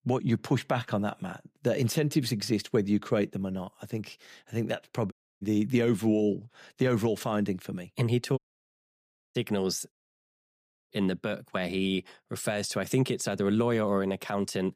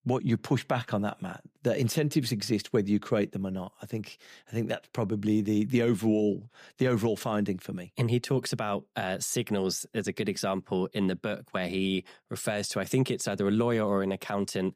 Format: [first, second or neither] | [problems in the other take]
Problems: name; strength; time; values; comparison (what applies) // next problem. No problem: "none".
second | audio cutting out; at 5 s, at 8.5 s for 1 s and at 10 s for 1 s